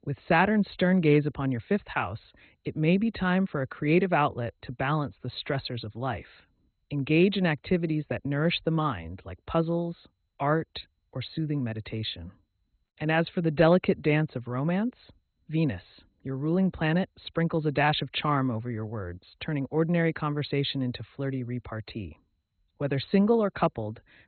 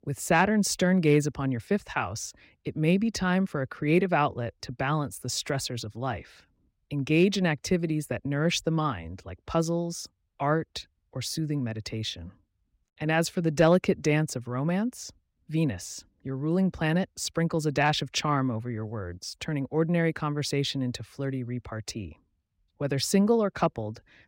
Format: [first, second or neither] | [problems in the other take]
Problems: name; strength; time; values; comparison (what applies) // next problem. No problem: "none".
second | garbled, watery; badly; nothing above 4 kHz